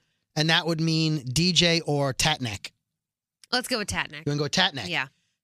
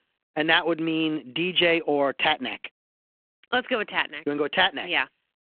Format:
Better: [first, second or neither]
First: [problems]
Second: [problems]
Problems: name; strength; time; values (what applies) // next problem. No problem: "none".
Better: first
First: none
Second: phone-call audio